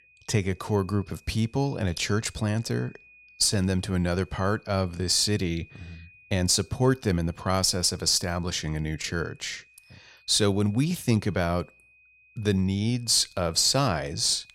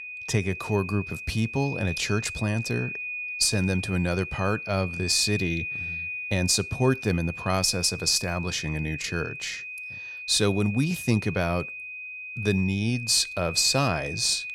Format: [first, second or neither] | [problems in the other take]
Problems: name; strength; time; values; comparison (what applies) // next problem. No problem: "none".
first | high-pitched whine; loud; throughout; 2.5 kHz, 8 dB below the speech; faint in the first